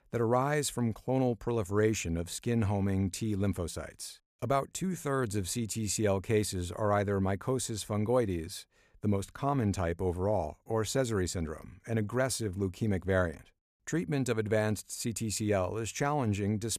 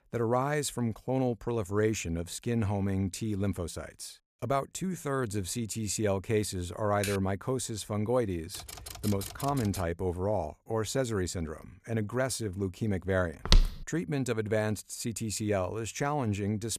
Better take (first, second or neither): first